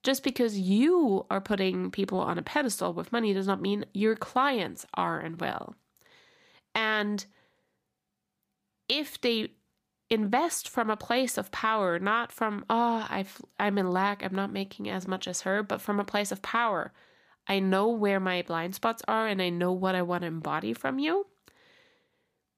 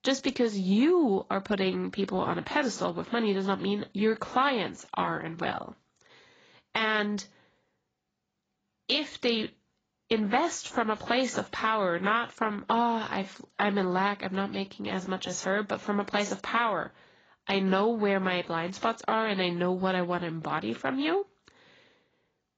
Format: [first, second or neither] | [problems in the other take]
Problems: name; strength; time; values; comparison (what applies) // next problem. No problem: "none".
first | garbled, watery; badly; nothing above 7.5 kHz